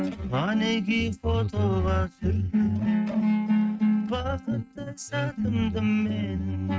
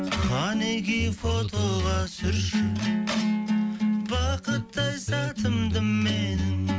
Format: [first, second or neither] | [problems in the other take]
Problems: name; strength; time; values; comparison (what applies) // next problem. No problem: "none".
second | noise reduction (neural mask model RNNoise)